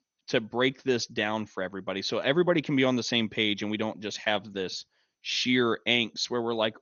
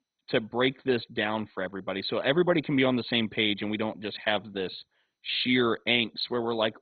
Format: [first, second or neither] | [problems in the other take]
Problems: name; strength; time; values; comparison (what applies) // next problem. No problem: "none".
first | garbled, watery; badly; nothing above 4 kHz; slightly in the first